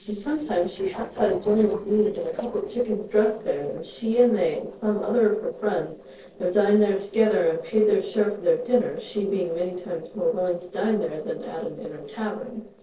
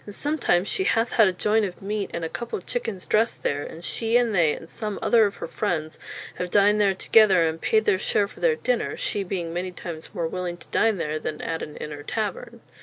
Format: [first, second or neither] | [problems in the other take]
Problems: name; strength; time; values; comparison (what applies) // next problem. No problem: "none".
second | noise reduction (neural separator model SepFormer DNS4)